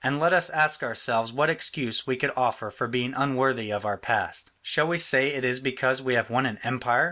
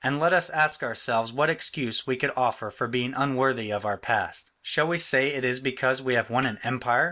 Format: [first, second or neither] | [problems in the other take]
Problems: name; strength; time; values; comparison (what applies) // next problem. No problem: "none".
first | noise reduction (neural mask model Resemble Enhance denoiser)